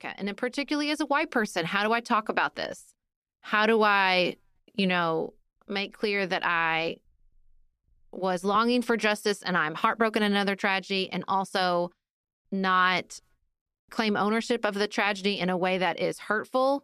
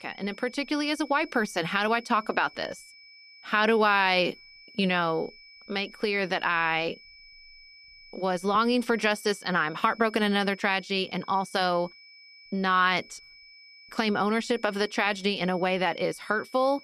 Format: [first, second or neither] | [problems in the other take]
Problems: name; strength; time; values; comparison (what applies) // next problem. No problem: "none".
first | high-pitched whine; faint; throughout; 2.5 kHz, 20 dB below the speech